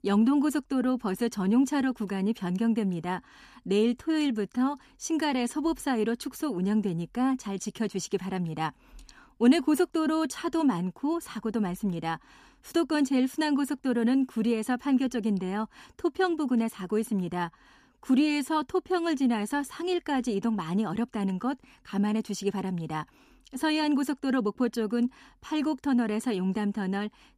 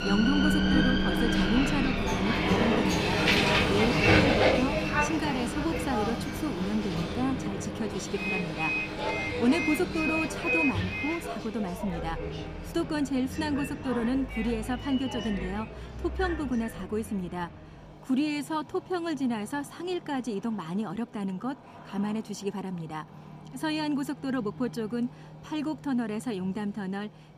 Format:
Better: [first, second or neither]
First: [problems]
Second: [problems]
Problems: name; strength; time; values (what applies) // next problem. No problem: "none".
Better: first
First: none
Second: traffic noise; very loud; throughout; 3 dB above the speech